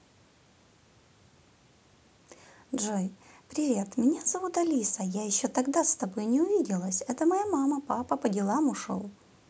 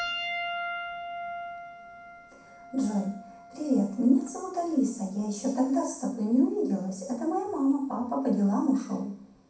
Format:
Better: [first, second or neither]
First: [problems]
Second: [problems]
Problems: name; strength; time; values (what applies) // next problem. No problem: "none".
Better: first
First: none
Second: background sound (Piano); 12 dB below the speech // room echo; dies away in 0.6 s